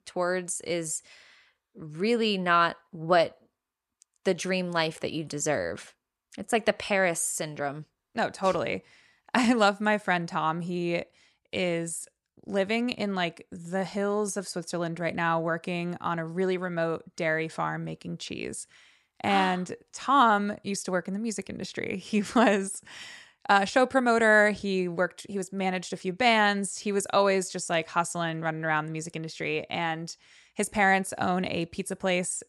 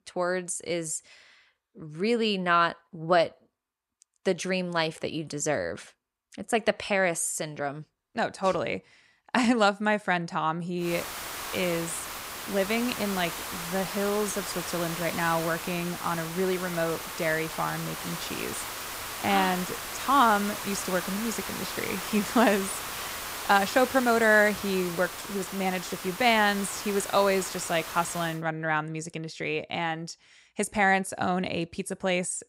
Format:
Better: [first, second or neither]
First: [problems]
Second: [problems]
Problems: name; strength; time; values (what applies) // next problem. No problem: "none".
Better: first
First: none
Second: hiss; loud; from 11 to 28 s; 7 dB below the speech